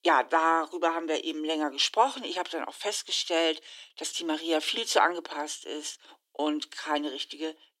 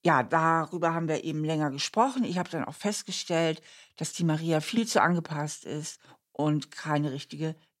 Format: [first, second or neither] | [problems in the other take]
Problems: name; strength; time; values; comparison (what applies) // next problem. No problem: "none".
second | thin; somewhat; fading below 300 Hz